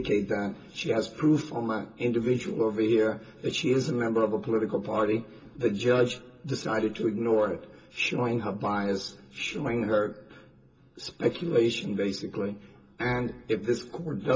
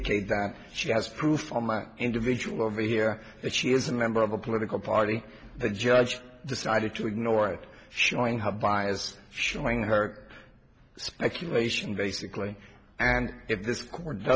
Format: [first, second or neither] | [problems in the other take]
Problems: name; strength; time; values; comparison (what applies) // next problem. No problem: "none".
second | room echo; dies away in 0.2 s